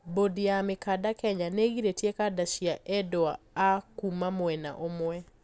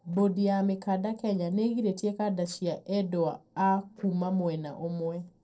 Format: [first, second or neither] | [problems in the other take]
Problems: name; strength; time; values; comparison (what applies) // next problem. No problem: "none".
first | noise reduction (neural separator model SepFormer DNS4)